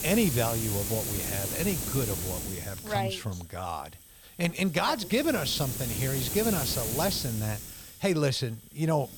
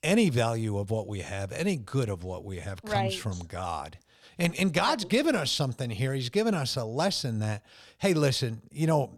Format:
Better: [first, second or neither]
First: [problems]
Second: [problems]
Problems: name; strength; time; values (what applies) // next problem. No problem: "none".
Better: second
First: hiss; loud; throughout; 2 dB below the speech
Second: none